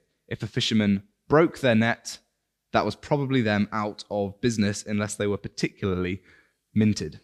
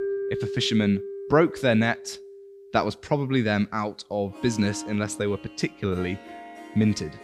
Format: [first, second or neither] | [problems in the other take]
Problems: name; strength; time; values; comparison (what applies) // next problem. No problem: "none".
first | background music; noticeable; throughout; 10 dB below the speech